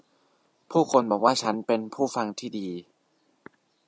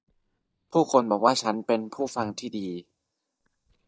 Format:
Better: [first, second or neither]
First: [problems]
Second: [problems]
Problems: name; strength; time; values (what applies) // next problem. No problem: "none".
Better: first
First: none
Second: noise reduction (neural mask model DeepFilterNet 3)